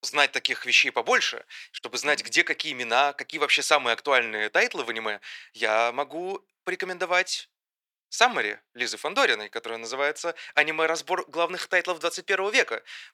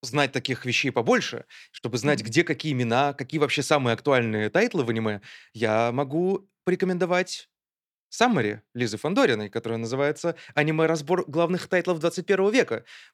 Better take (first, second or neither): second